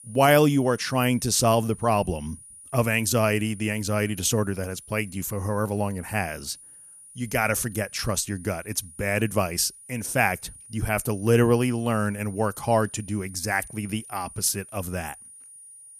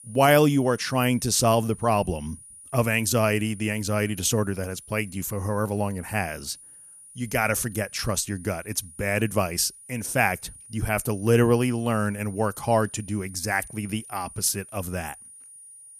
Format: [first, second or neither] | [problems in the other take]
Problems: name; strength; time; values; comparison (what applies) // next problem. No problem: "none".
neither | high-pitched whine; noticeable; throughout; 9.5 kHz, 20 dB below the speech; the same in both